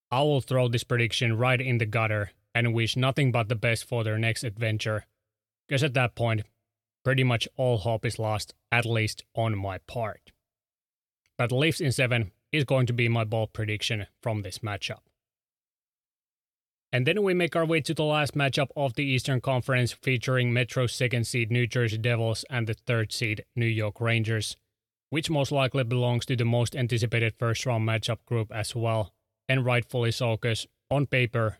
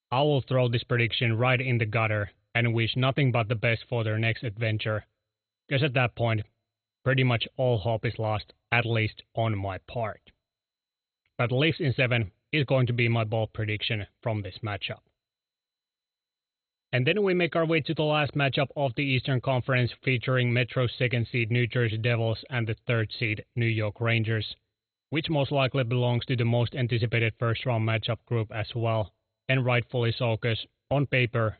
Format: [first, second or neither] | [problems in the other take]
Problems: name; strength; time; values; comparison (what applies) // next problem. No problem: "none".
first | garbled, watery; badly; nothing above 4 kHz